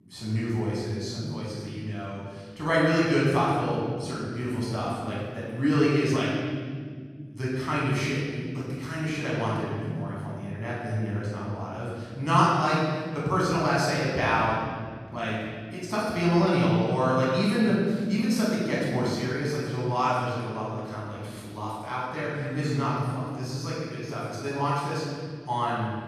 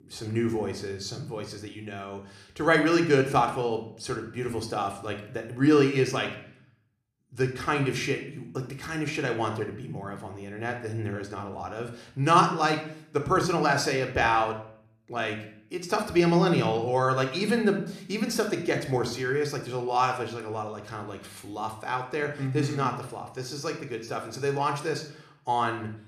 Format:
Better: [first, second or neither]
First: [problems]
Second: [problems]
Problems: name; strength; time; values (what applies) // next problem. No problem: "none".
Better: second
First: room echo; strong; dies away in 2.4 s // off-mic speech; far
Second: room echo; slight; dies away in 0.5 s